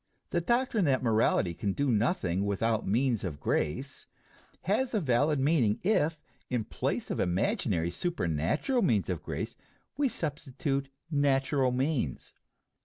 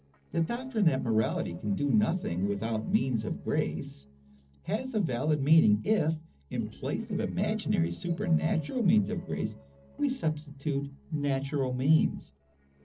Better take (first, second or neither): first